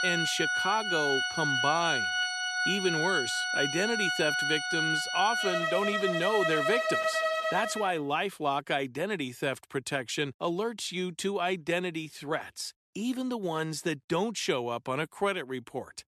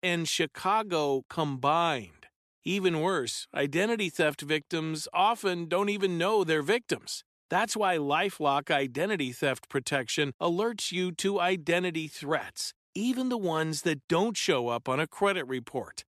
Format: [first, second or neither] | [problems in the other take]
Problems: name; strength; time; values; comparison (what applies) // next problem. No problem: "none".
second | background music; very loud; until 7.5 s; 3 dB above the speech